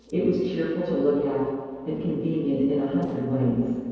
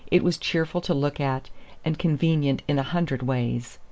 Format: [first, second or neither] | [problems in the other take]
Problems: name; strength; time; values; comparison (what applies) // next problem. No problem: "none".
second | noise reduction (neural separator model SepFormer DNS4)